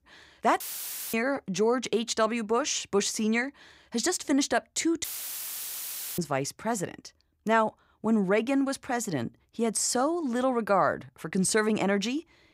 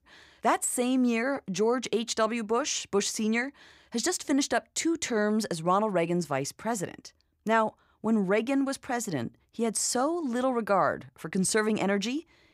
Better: second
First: audio cutting out; filled with static; at 0.5 s for 0.5 s and at 5 s for 1 s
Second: none

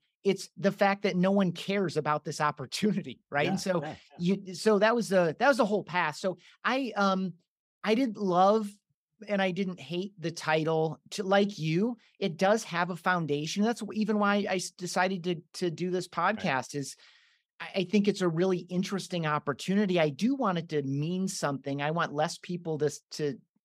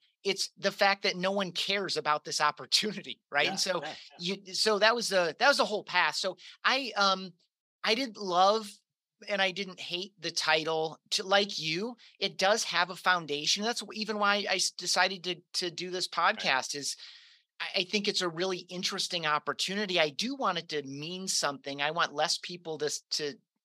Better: first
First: none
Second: thin; somewhat; fading below 900 Hz

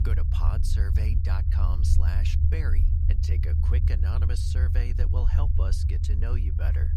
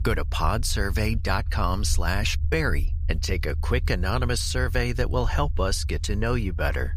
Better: second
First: low rumble; loud; throughout; 1 dB below the speech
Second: low rumble; faint; throughout; 20 dB below the speech

